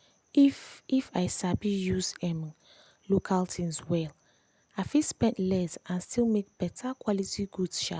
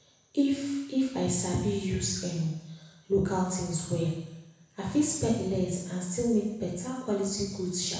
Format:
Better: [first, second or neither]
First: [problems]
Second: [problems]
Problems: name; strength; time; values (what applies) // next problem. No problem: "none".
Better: first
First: none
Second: room echo; dies away in 1 s